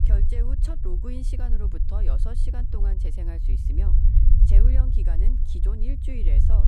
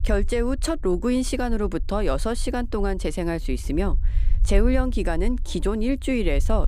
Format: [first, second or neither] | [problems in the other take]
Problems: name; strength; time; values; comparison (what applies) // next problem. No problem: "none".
second | low rumble; loud; throughout; 1 dB below the speech; faint in the second